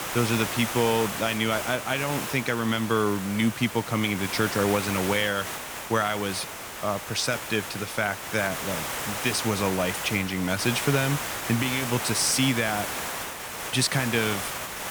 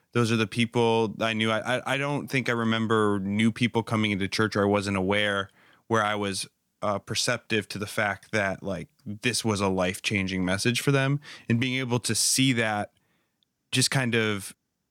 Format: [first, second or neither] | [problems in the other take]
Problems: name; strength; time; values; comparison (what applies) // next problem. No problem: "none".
second | hiss; loud; throughout; 5 dB below the speech